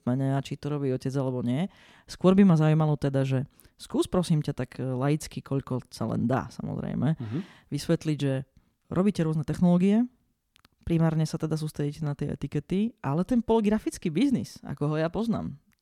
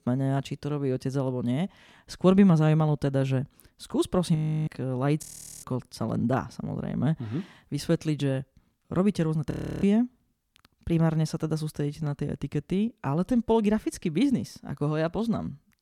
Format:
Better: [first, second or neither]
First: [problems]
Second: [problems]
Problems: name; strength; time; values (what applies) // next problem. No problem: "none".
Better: first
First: none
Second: audio freezing; at 4.5 s, at 5 s and at 9.5 s